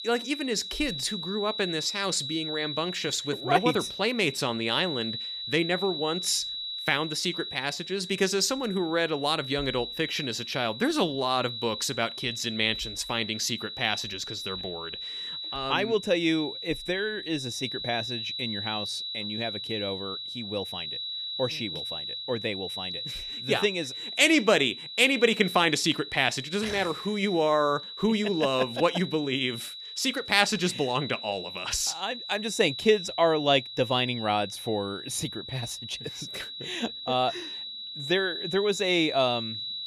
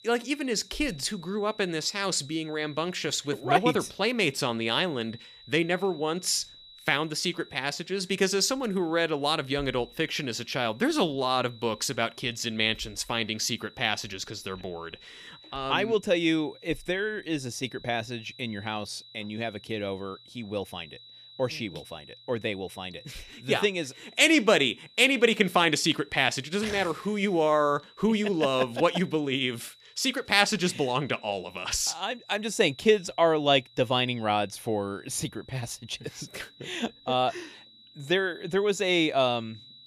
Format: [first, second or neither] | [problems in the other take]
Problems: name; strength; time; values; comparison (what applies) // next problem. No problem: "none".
second | high-pitched whine; loud; throughout; 4 kHz, 7 dB below the speech; faint in the second